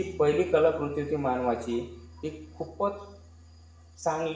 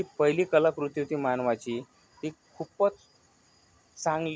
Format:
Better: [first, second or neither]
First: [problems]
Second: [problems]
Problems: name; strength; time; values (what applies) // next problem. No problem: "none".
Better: second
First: background sound (Bass guitar); 19 dB below the speech // room echo; dies away in 0.7 s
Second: none